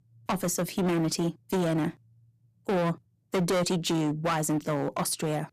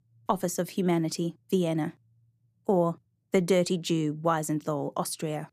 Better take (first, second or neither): second